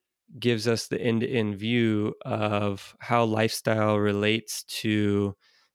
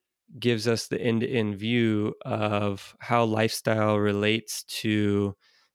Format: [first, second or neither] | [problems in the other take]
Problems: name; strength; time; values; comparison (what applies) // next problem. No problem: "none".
neither | none